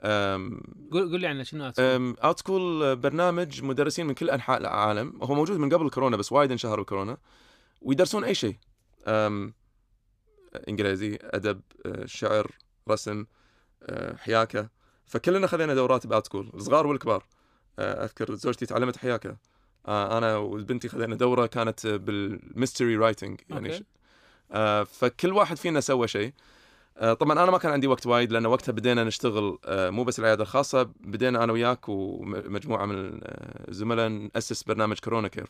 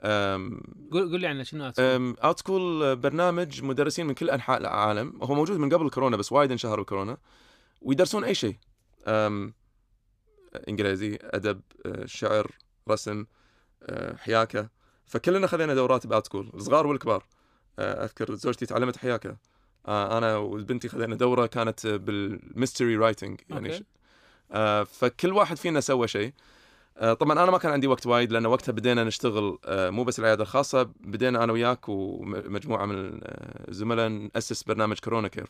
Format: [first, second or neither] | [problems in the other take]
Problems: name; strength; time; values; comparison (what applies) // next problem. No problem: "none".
neither | none